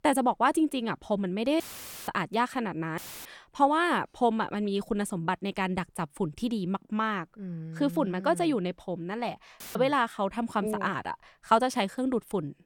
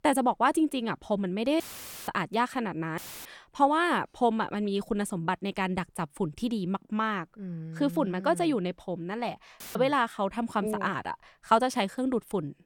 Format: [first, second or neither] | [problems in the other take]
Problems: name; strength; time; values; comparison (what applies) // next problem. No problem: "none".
neither | audio cutting out; filled with static; at 1.5 s, at 3 s and at 9.5 s; the same in both